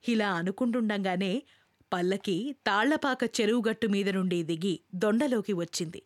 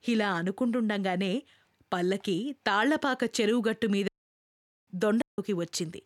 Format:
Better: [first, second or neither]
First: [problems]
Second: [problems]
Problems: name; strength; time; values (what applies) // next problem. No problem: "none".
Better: first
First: none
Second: audio cutting out; at 4 s for 1 s and at 5 s